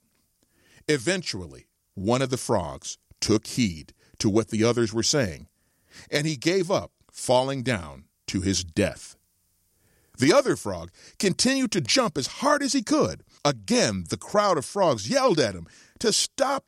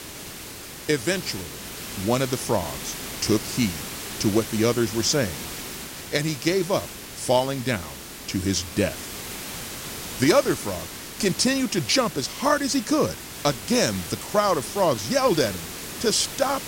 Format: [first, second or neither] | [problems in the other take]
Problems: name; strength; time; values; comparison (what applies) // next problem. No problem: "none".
first | hiss; loud; throughout; 10 dB below the speech